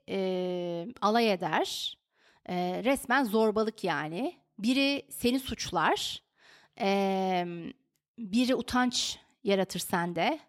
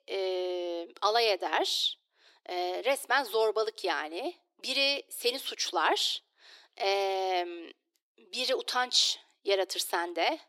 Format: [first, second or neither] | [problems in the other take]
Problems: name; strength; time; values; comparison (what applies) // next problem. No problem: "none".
first | thin; very; fading below 350 Hz